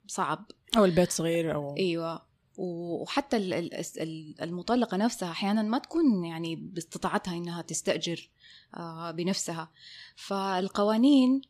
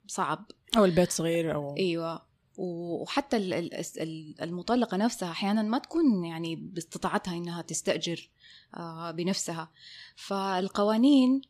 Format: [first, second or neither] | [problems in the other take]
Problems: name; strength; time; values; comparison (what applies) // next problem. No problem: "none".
neither | none